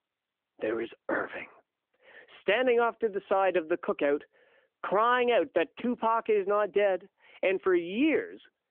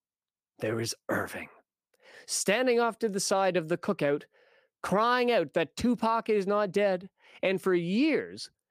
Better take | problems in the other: second | phone-call audio

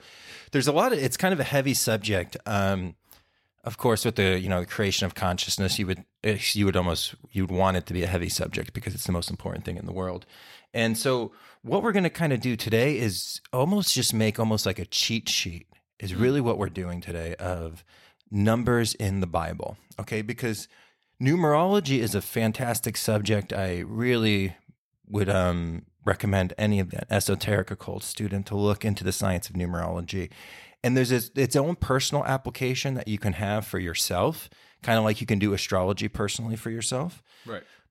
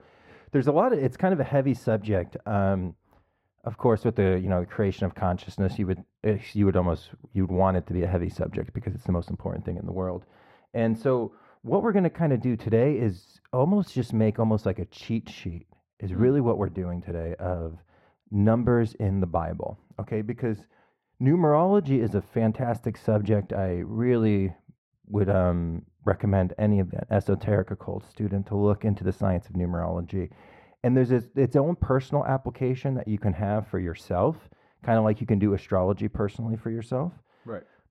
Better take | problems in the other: first | muffled; very; fading above 2.5 kHz

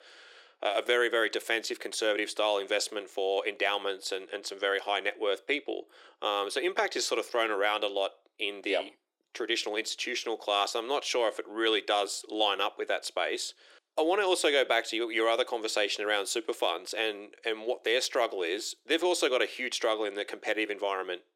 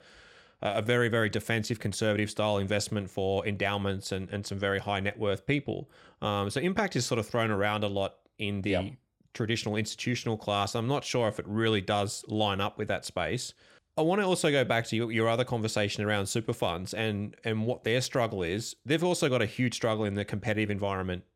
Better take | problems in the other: second | thin; very; fading below 350 Hz

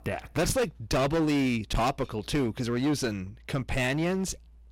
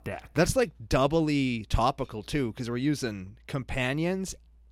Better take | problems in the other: second | distortion; heavy; 15% of the sound clipped

